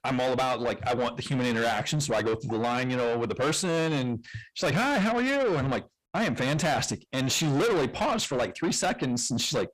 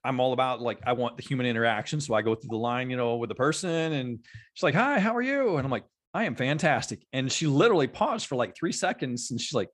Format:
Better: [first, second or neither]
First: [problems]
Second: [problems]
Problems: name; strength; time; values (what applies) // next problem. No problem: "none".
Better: second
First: distortion; heavy; 6 dB below the speech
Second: none